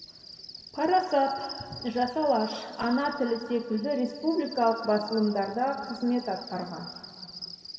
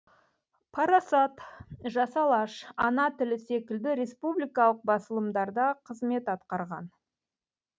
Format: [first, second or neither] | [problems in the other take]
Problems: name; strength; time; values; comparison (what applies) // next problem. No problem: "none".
second | background sound (Cricket); 16 dB below the speech // room echo; dies away in 2.4 s